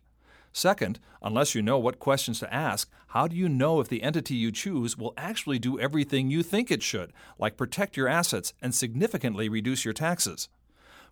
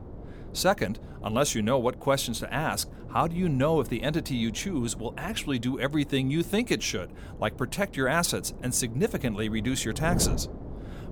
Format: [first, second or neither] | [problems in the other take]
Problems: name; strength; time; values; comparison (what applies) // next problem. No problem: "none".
first | wind noise on the microphone; occasional gusts; 15 dB below the speech